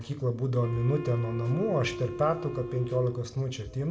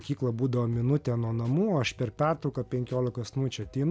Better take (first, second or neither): second